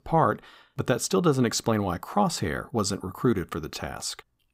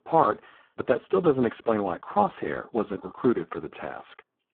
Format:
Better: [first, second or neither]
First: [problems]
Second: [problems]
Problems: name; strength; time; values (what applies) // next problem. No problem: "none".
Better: first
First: none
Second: phone-call audio; poor line; nothing above 3.5 kHz